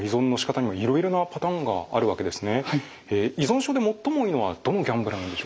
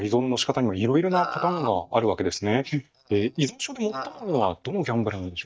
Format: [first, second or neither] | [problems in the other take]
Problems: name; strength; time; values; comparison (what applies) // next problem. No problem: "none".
first | noise reduction (neural mask model DeepFilterNet 3)